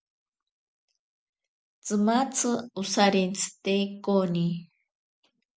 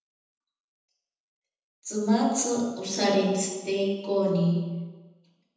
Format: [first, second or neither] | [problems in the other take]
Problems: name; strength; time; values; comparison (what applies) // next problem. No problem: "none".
first | room echo; dies away in 1.1 s